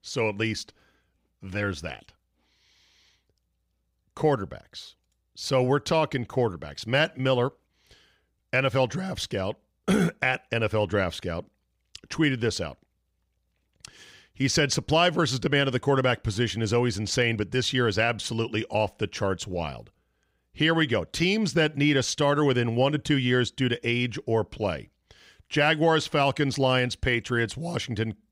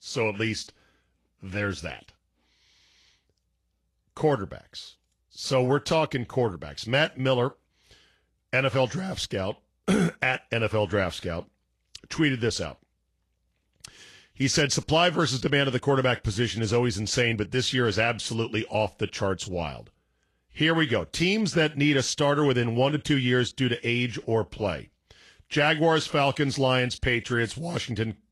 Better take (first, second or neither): first